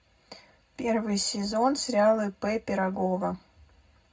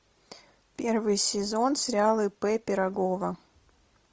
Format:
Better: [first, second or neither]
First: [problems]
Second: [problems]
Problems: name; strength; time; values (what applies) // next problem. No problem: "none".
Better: second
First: room echo; dies away in 0.3 s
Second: none